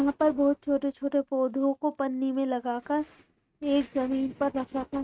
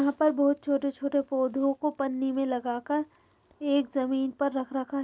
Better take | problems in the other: second | noise reduction (neural mask model RNNoise)

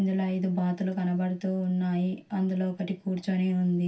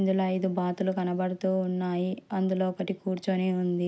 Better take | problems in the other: second | room echo; dies away in 0.2 s

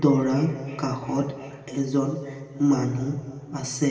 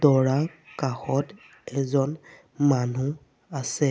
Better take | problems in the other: second | room echo; dies away in 2.3 s

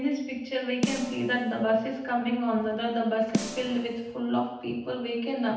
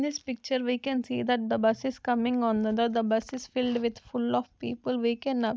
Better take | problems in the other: second | background sound (Snare drum); 9 dB below the speech // room echo; dies away in 0.9 s

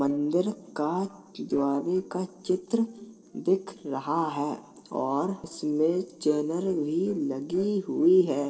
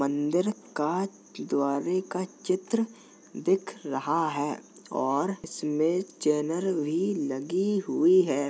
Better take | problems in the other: second | noise reduction (neural separator model SepFormer DNS4)

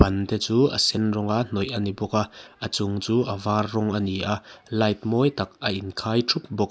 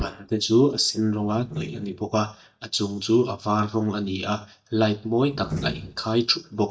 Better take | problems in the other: first | noise reduction (neural mask model DeepFilterNet 3)

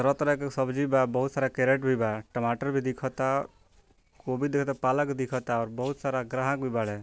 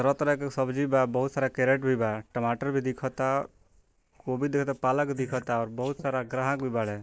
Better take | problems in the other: first | noise reduction (neural mask model Resemble Enhance denoiser)

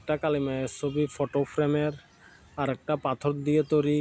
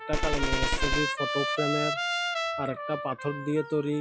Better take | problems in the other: first | noise reduction (classical method log-MMSE)

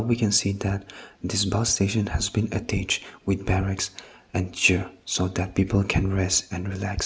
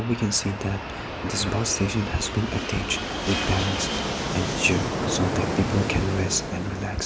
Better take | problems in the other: first | background sound (Fixed-wing aircraft, airplane); 2 dB below the speech

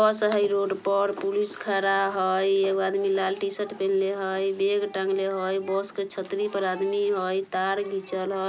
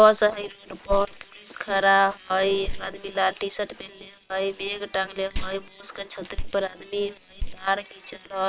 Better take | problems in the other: first | noise reduction (neural separator model SepFormer WHAM!)

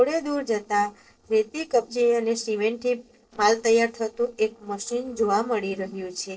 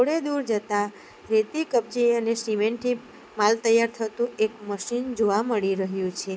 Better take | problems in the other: second | noise reduction (neural separator model SepFormer DNS4)

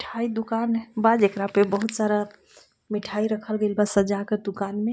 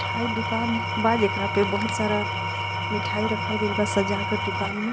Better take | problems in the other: first | background sound (Engine / Tools); 1 dB below the speech

